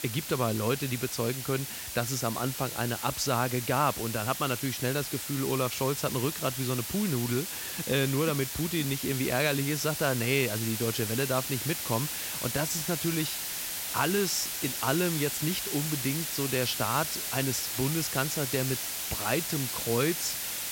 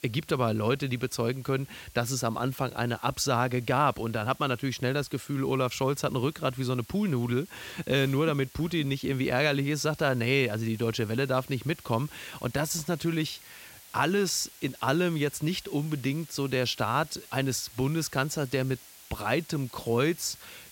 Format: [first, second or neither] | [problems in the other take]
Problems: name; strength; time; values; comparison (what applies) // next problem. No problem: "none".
second | hiss; loud; throughout; 2 dB below the speech; faint in the second